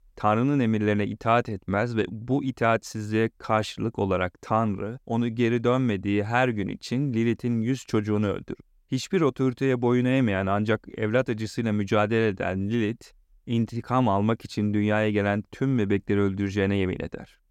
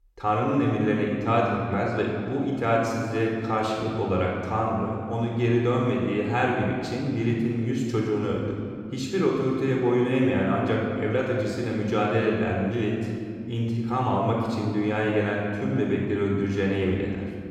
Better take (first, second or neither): first